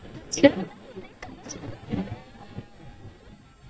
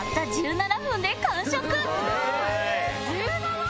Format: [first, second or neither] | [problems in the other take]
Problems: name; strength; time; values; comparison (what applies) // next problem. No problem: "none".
second | noise reduction (neural mask model DeepFilterNet 3)